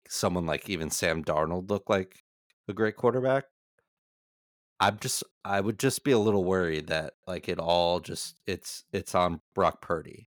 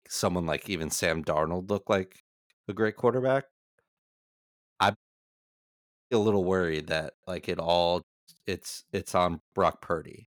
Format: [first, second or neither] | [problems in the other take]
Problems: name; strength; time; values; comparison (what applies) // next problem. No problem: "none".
first | audio cutting out; at 5 s for 1 s and at 8 s